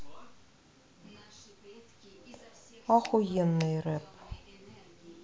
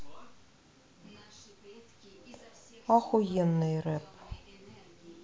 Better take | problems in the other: second | background sound (Finger snapping); 14 dB below the speech

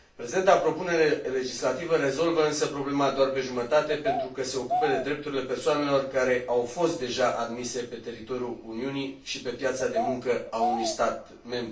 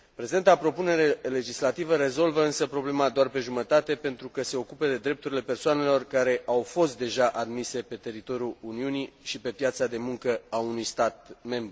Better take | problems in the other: second | background sound (Bird vocalization, bird call, bird song); 6 dB below the speech // room echo; dies away in 0.3 s

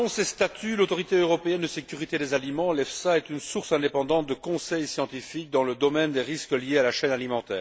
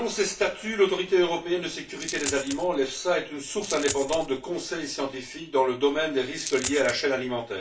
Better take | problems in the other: first | background sound (Coin (dropping)); 8 dB below the speech // room echo; dies away in 0.3 s

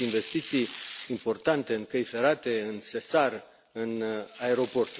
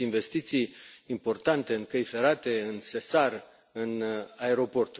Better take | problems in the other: second | background sound (Tearing); 18 dB below the speech

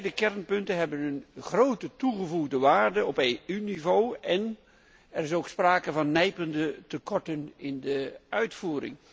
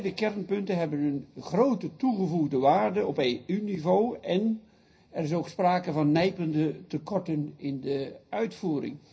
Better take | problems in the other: first | room echo; dies away in 0.4 s

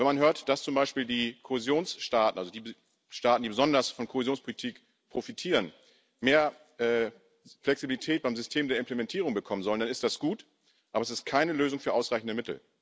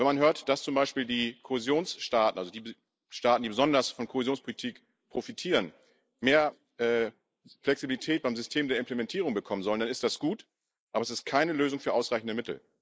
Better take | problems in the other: first | noise reduction (neural mask model Resemble Enhance denoiser)

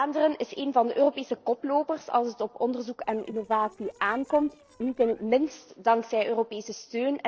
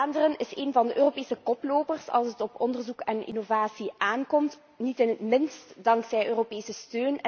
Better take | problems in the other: second | noise reduction (neural separator model SepFormer DNS4)

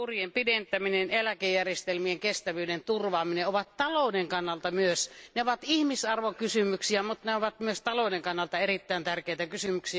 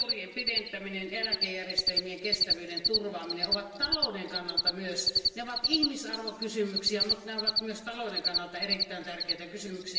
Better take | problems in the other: first | background sound (Cricket); 4 dB above the speech // room echo; dies away in 1.3 s

